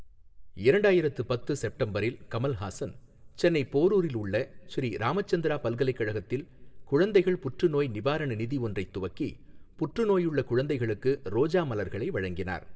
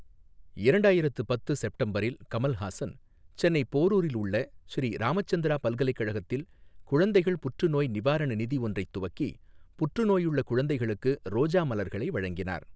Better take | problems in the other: second | room echo; dies away in 0.4 s

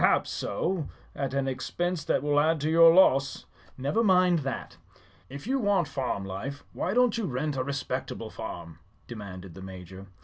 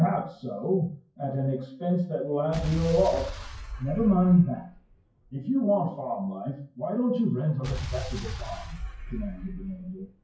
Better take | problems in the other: first | noise reduction (classical method WPE with log-MMSE)

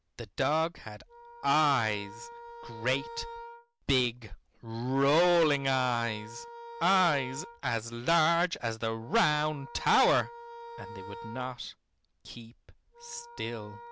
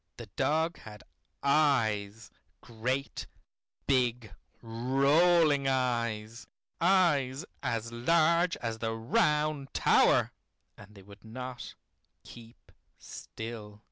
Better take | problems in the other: second | background sound (Wind instrument, woodwind instrument); 16 dB below the speech

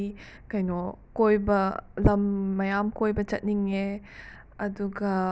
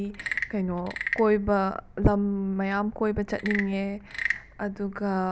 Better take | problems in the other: first | background sound (Wood / Percussion / Frog); 10 dB below the speech

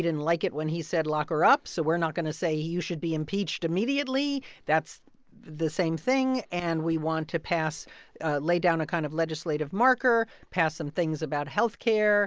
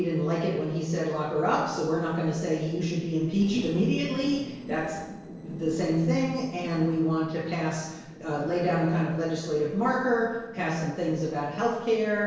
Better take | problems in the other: first | noise reduction (neural separator model SepFormer DNS4)

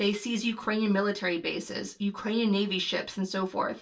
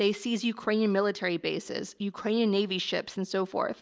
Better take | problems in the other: second | room echo; dies away in 0.2 s

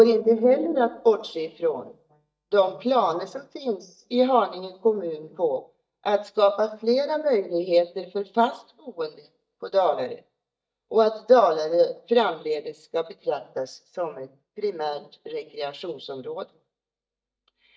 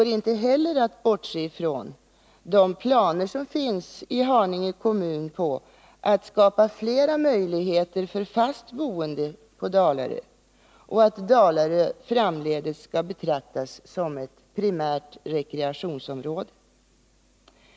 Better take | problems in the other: second | noise reduction (neural mask model DeepFilterNet 3)

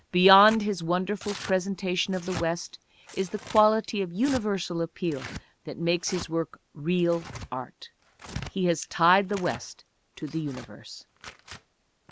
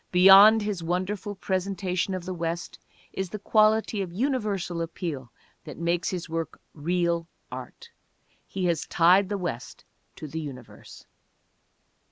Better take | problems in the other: second | background sound (Tearing); 17 dB below the speech

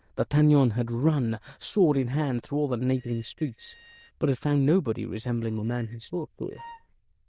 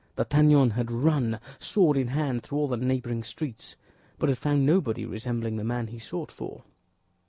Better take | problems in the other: second | noise reduction (neural diffusion model UNIVERSE++)

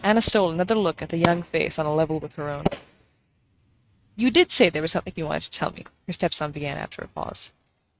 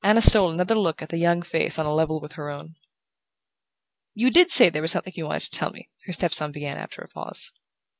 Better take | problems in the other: second | noise reduction (neural mask model RNNoise)

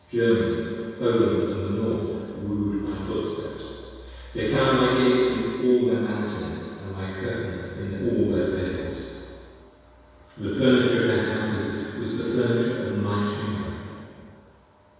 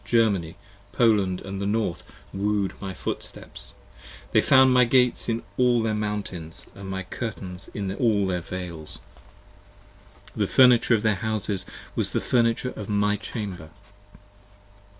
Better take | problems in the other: second | room echo; dies away in 2.2 s

